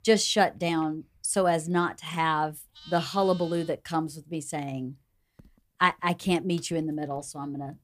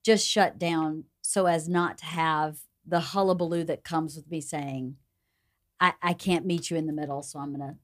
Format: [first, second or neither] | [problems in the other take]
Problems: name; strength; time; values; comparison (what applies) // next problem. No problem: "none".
second | animal sounds; faint; throughout; 20 dB below the speech